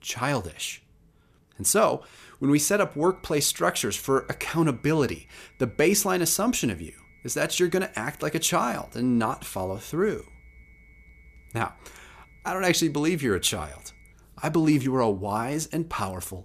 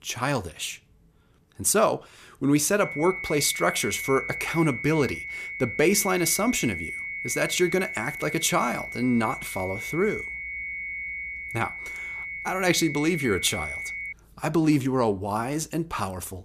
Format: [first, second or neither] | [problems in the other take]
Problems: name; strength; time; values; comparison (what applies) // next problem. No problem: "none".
first | high-pitched whine; loud; from 3 to 14 s; 2 kHz, 7 dB below the speech; faint in the first